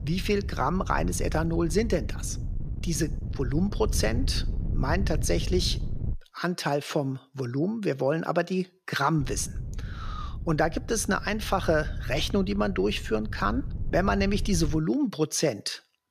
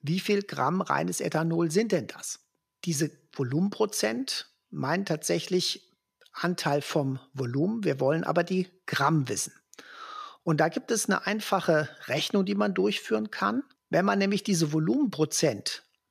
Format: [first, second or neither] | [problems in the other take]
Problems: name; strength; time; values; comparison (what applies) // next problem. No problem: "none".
second | wind noise on the microphone; occasional gusts; until 6 s and from 9 to 15 s; 20 dB below the speech